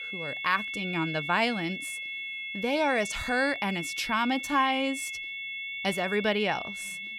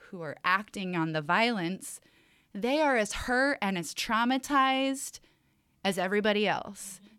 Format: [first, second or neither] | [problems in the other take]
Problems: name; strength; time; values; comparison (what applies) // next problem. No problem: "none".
second | high-pitched whine; loud; throughout; 2 kHz, 6 dB below the speech